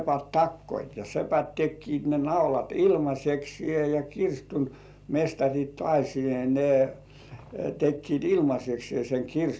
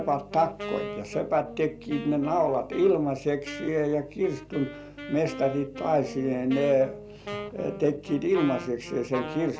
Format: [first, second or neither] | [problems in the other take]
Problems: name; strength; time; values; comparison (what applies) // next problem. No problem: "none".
first | background sound (Wind instrument, woodwind instrument); 12 dB below the speech